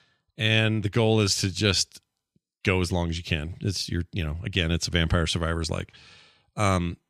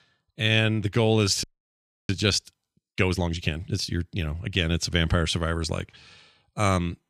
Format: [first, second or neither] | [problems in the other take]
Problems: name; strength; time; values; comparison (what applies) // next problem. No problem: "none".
first | audio freezing; at 1.5 s for 0.5 s